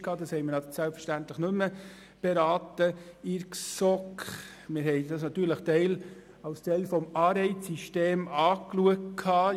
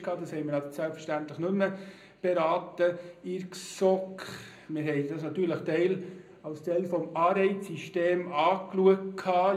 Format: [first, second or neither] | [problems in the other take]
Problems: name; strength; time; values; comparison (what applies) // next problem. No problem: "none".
first | room echo; dies away in 0.4 s